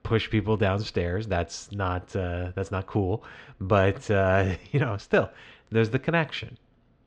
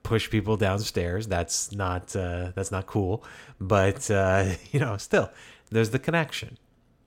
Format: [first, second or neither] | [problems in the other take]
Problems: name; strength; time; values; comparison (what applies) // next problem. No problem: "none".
second | muffled; slightly; fading above 4 kHz